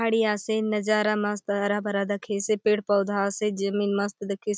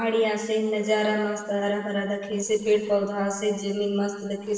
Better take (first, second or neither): first